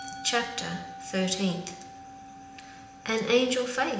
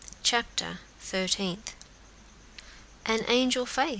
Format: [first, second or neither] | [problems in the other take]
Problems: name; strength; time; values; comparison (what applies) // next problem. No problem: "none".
second | background sound (Musical instrument); 14 dB below the speech // room echo; dies away in 0.8 s